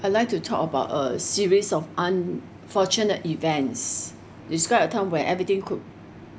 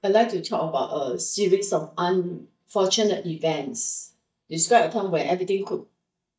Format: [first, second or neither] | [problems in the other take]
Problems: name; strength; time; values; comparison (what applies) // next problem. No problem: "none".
first | noise reduction (neural mask model DeepFilterNet 3)